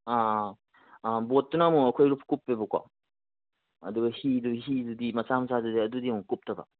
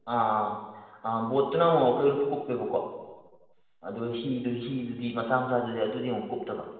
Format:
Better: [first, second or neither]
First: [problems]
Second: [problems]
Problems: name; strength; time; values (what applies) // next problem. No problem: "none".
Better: first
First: none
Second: room echo; dies away in 1.2 s